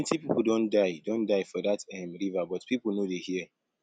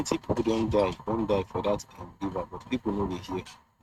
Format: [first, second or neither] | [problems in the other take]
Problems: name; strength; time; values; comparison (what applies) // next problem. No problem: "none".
first | noise reduction (neural mask model RNNoise)